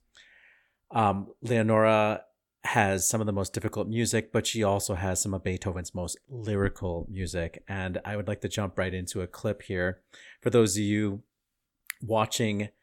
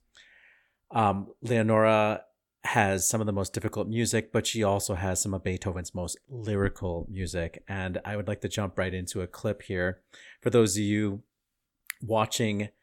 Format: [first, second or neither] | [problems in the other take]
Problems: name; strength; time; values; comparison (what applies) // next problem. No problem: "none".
neither | none